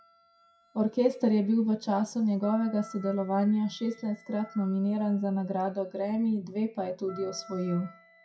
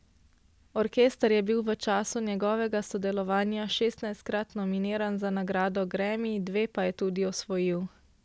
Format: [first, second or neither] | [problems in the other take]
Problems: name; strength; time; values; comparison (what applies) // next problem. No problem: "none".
second | noise reduction (classical method WPE with log-MMSE)